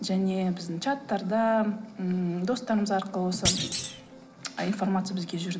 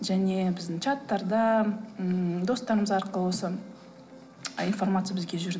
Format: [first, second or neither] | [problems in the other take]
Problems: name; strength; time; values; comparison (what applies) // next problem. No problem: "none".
second | background sound (Thump, thud); 4 dB below the speech